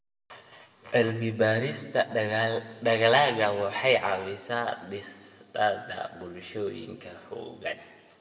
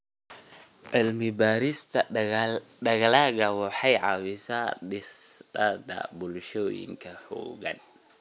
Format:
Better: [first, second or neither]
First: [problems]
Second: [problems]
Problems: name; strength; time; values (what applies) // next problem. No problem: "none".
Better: second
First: room echo; dies away in 1.5 s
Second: none